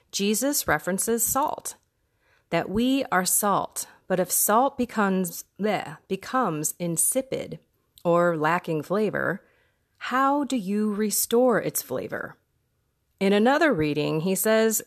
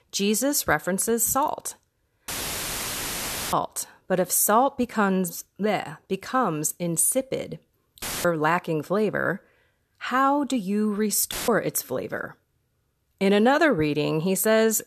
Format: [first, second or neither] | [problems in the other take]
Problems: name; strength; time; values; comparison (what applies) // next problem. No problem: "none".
first | audio cutting out; filled with static; at 2.5 s for 1.5 s, at 8 s and at 11 s